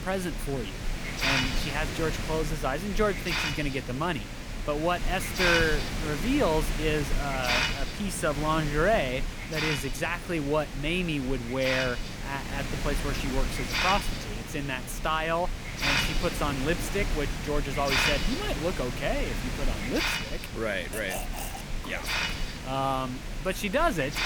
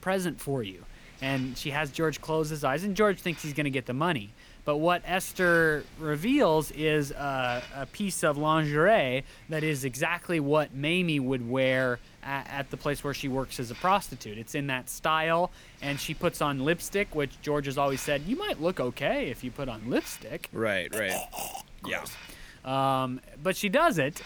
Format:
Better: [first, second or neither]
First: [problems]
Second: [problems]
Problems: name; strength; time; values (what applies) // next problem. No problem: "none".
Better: second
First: hiss; loud; throughout; 1 dB below the speech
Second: hiss; faint; throughout; 20 dB below the speech